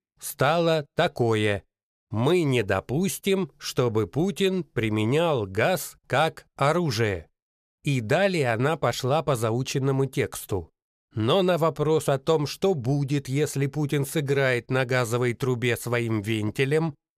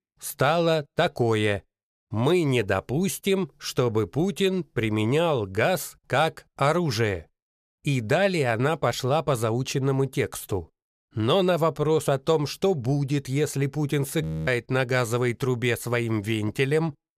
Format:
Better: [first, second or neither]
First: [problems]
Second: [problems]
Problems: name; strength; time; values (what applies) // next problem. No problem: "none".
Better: first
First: none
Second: audio freezing; at 14 s